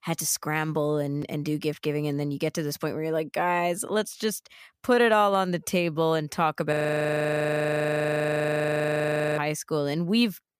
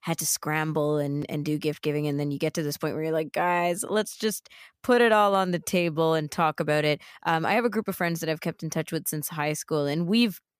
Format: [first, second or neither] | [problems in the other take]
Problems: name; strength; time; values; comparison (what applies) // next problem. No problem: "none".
second | audio freezing; at 6.5 s for 2.5 s